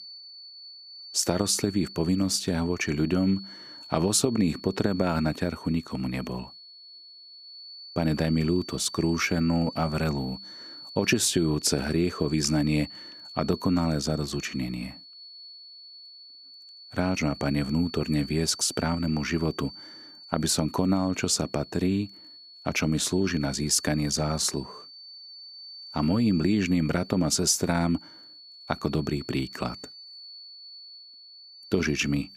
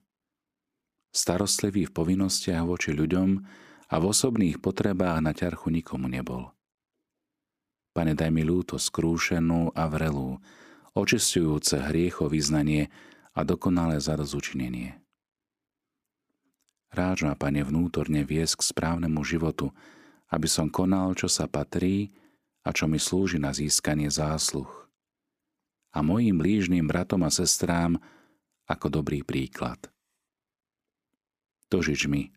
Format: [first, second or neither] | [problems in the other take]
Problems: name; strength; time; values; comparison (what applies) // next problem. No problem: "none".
second | high-pitched whine; noticeable; throughout; 4.5 kHz, 15 dB below the speech